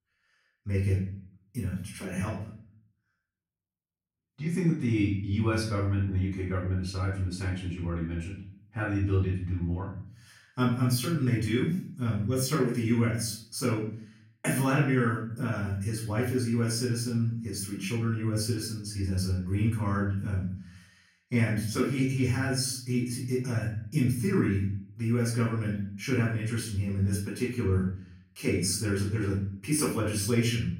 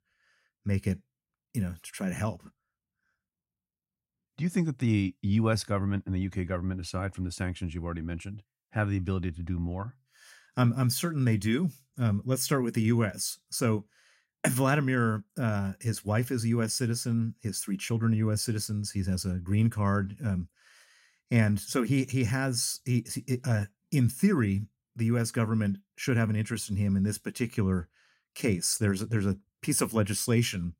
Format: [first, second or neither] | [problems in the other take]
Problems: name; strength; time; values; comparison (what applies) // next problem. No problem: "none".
second | off-mic speech; far // room echo; noticeable; dies away in 0.5 s